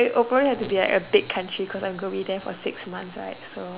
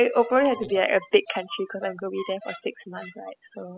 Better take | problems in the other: first | noise reduction (classical method spectral subtraction)

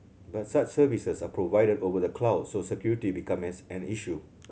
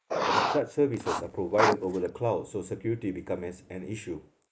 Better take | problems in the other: first | noise reduction (neural mask model Resemble Enhance denoiser)

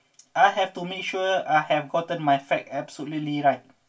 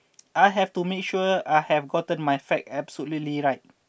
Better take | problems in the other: second | room echo; dies away in 0.2 s

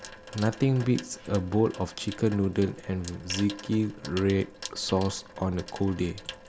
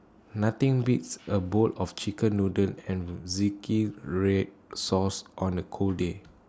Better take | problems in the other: second | background sound (Sink (filling or washing) / Water tap, faucet); 16 dB below the speech

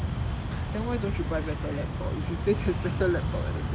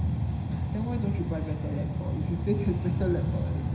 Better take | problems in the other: first | room echo; dies away in 0.9 s

